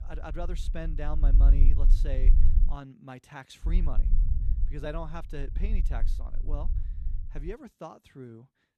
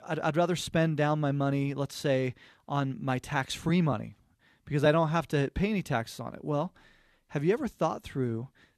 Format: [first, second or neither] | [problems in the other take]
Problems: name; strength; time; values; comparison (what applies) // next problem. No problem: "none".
second | low rumble; loud; until 2.5 s and from 3.5 to 7.5 s; 8 dB below the speech